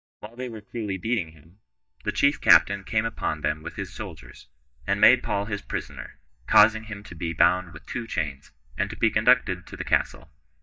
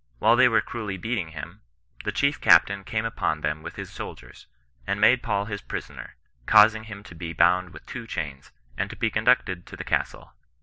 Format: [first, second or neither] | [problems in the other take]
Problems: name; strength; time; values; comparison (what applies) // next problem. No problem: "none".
second | noise reduction (neural mask model DeepFilterNet 3)